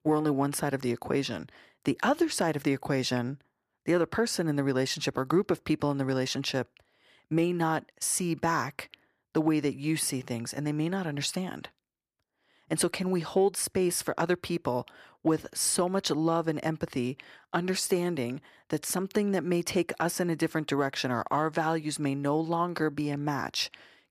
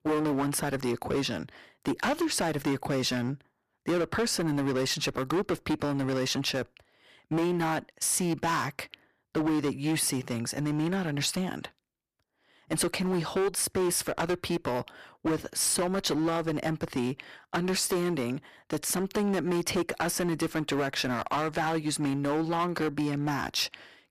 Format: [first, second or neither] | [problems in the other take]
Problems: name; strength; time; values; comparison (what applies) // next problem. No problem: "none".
first | distortion; heavy; 14% of the sound clipped